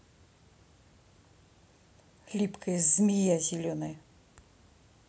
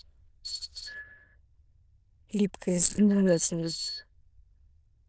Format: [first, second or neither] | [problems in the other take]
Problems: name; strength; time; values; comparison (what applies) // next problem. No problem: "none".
first | noise reduction (neural diffusion model UNIVERSE++)